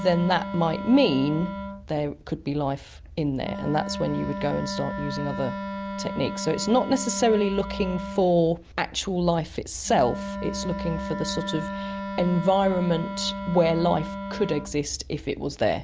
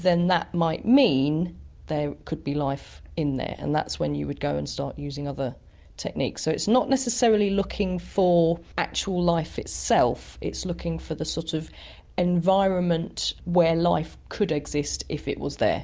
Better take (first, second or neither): second